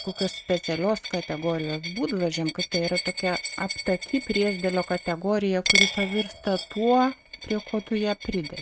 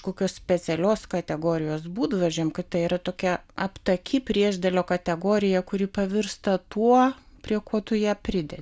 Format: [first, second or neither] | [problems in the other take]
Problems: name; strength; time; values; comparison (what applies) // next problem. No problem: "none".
second | noise reduction (neural mask model RNNoise)